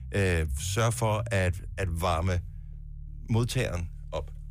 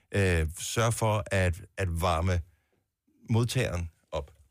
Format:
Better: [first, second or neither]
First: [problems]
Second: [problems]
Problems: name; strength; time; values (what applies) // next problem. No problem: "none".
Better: second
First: low rumble; faint; throughout; 25 dB below the speech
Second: none